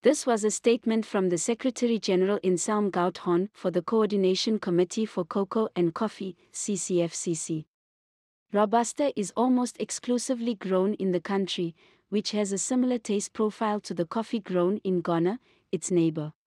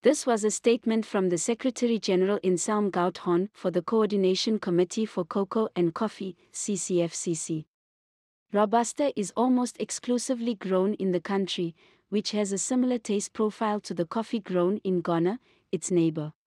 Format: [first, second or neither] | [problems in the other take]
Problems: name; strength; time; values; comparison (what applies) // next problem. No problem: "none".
neither | none